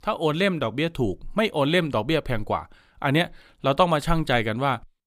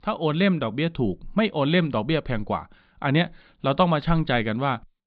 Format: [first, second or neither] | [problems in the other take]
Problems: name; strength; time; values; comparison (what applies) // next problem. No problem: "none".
first | muffled; very slightly; fading above 4 kHz